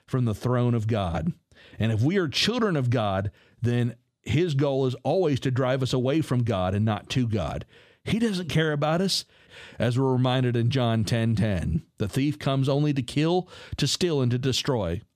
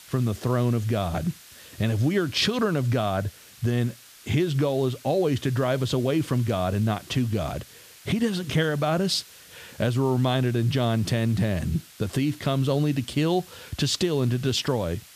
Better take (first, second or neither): first